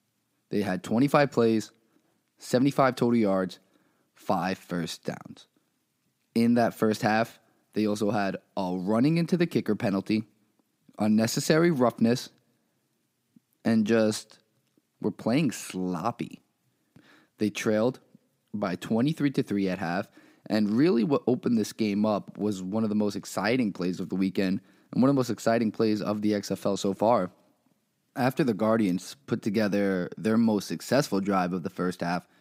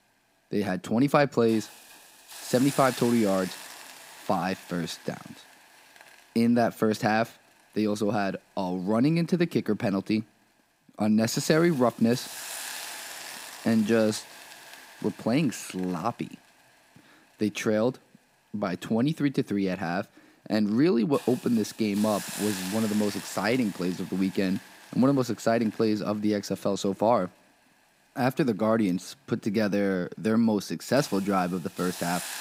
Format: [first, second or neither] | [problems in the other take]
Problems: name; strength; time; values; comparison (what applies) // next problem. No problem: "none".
first | hiss; noticeable; throughout; 15 dB below the speech